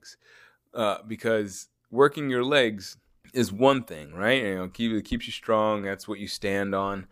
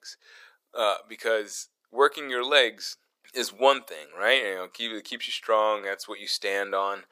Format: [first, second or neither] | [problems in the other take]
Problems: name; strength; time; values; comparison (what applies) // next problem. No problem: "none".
first | thin; very; fading below 500 Hz